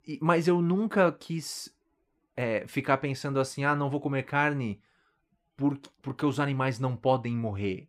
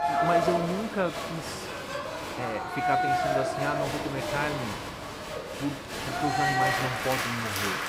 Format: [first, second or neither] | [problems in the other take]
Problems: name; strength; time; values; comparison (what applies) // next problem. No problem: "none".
first | crowd noise; very loud; throughout; 3 dB above the speech